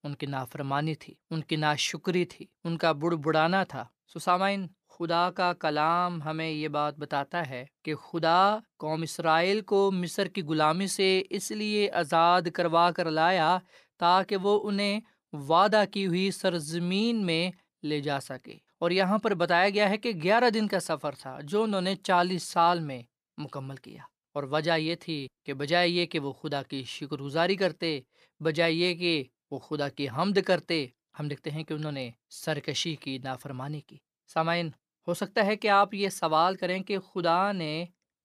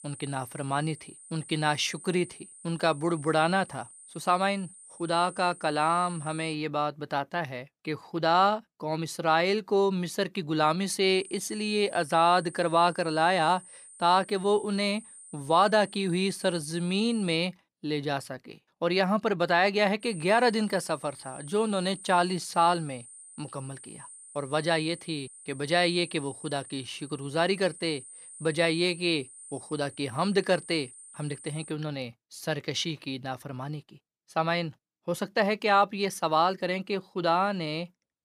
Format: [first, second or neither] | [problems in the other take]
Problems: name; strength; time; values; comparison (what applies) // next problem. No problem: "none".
first | high-pitched whine; noticeable; until 6.5 s, from 11 to 17 s and from 20 to 32 s; 9 kHz, 20 dB below the speech